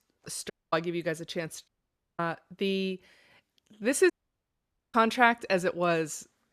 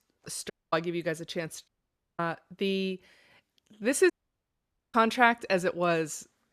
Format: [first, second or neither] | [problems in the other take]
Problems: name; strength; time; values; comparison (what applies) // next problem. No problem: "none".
neither | audio cutting out; at 0.5 s, at 1.5 s for 0.5 s and at 4 s for 1 s; the same in both